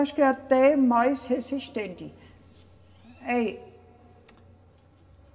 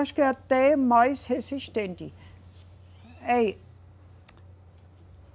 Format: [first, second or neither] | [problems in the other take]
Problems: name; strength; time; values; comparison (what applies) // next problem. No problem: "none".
second | room echo; dies away in 2.8 s